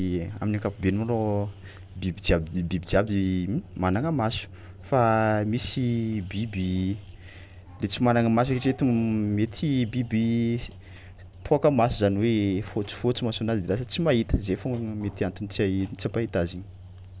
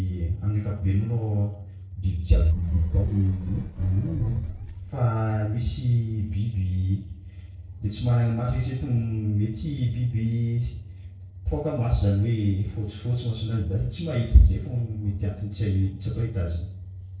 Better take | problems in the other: first | noise reduction (neural separator model SepFormer DNS4)

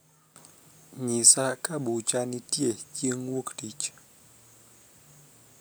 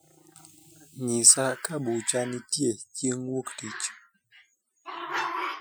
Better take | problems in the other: first | noise reduction (classical method Wiener filter)

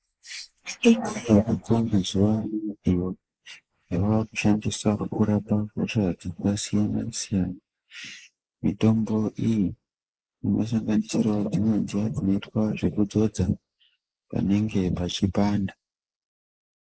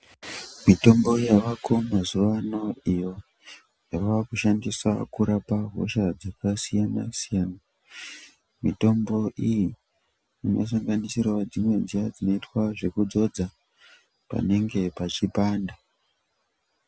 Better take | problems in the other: second | noise reduction (neural mask model Resemble Enhance denoiser)

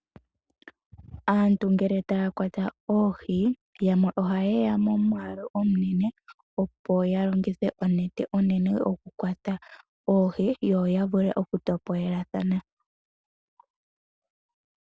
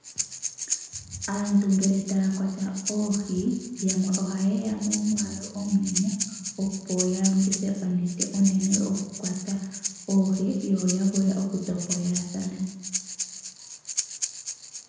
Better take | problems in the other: first | background sound (Breathing); 8 dB below the speech // room echo; dies away in 1 s

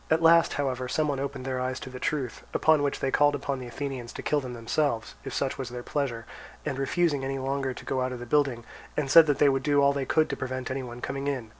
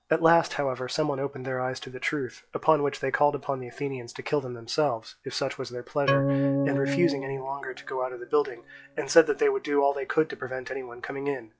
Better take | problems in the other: first | noise reduction (classical method log-MMSE)

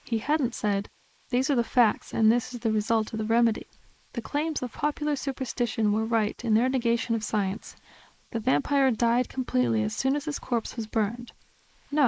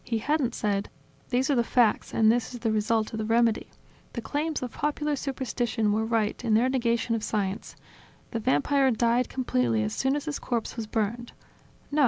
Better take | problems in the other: second | noise reduction (neural mask model Resemble Enhance denoiser)

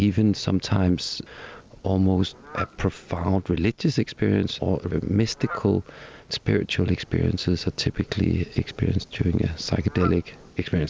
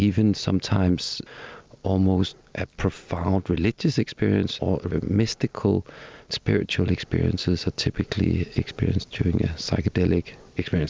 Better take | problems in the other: second | background sound (Fowl); 20 dB below the speech

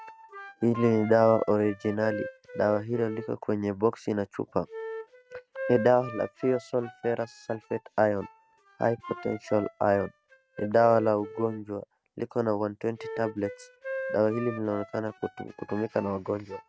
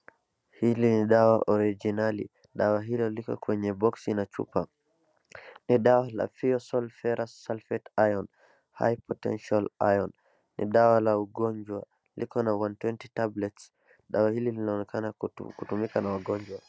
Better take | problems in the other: second | noise reduction (neural mask model RNNoise)

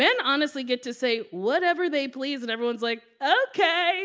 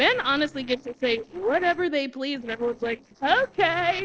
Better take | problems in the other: first | noise reduction (neural separator model SepFormer DNS4)

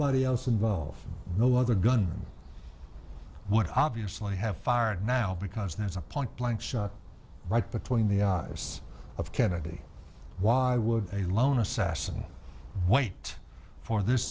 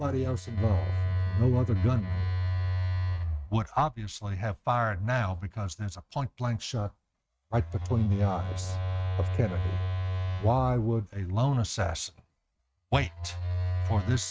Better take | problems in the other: first | noise reduction (neural mask model RNNoise)

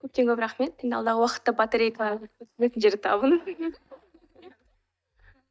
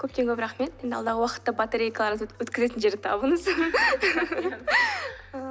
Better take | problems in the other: second | noise reduction (neural mask model DeepFilterNet 3)

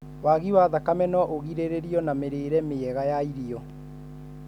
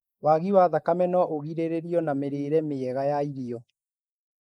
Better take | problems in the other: first | noise reduction (neural mask model Resemble Enhance denoiser)

